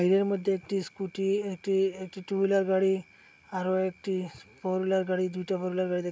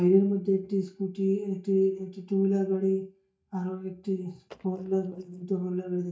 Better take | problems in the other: first | noise reduction (neural mask model DeepFilterNet 3)

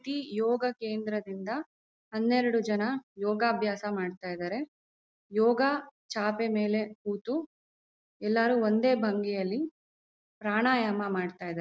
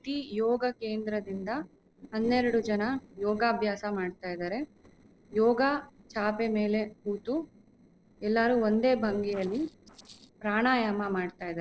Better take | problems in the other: first | noise reduction (neural separator model SepFormer DNS4)

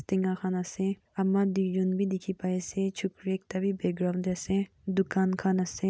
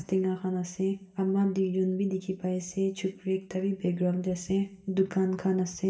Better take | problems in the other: first | room echo; dies away in 0.7 s

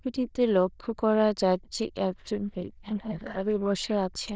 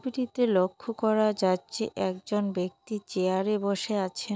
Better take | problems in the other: second | noise reduction (neural diffusion model UNIVERSE++)

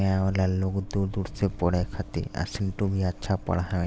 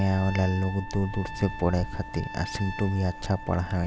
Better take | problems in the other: first | background sound (Trumpet); 13 dB below the speech

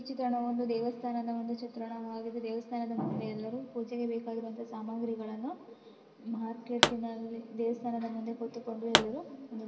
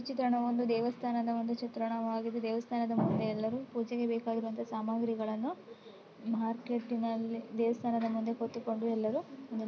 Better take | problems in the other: second | background sound (Explosion); 5 dB above the speech // room echo; dies away in 1 s

